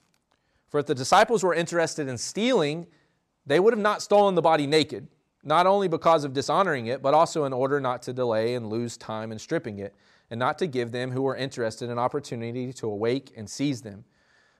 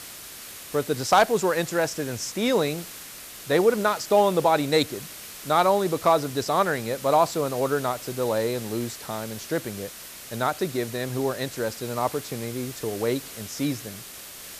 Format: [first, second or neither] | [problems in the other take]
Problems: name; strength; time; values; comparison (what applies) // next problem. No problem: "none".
first | hiss; noticeable; throughout; 15 dB below the speech